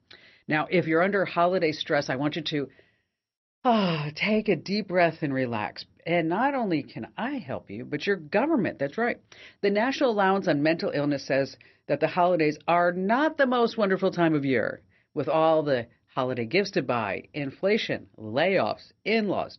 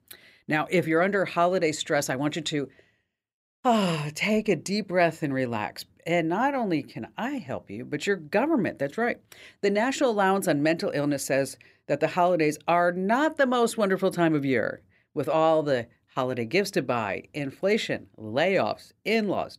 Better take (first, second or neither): second